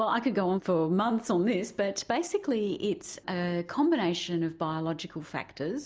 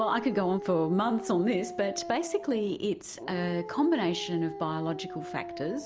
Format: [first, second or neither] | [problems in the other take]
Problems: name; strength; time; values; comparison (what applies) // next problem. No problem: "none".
first | background sound (Dog); 11 dB below the speech